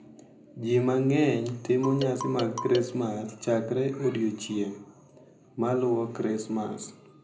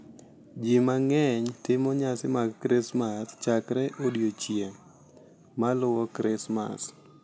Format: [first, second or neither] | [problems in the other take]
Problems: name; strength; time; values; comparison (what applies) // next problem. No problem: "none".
second | background sound (Marimba, xylophone); 9 dB below the speech // room echo; dies away in 0.5 s